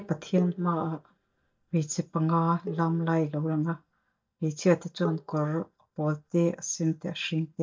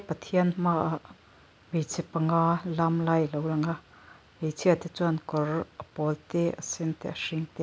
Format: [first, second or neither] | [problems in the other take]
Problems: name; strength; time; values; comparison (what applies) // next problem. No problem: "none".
second | noise reduction (neural mask model DeepFilterNet 3)